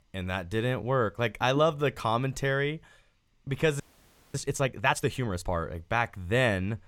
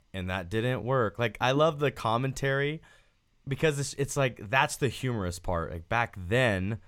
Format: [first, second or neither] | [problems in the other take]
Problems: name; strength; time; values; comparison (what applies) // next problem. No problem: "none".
second | audio freezing; at 4 s for 0.5 s